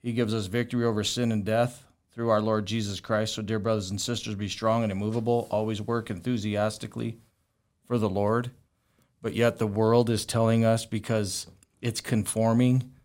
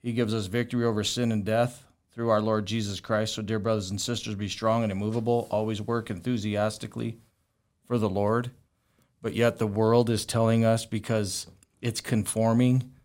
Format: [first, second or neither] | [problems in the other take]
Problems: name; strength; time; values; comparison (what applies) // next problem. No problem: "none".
neither | none